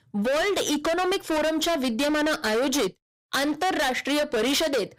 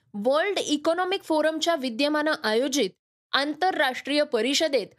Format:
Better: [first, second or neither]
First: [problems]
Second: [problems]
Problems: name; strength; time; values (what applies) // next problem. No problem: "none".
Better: second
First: distortion; heavy; 34% of the sound clipped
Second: none